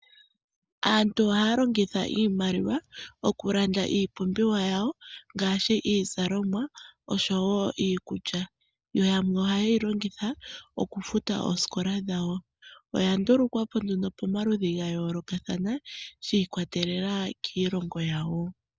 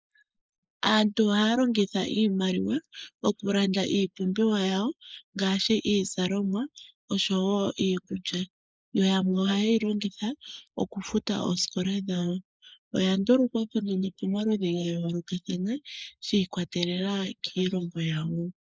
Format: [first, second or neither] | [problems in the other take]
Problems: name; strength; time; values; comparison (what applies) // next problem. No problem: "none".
first | noise reduction (neural mask model Resemble Enhance denoiser)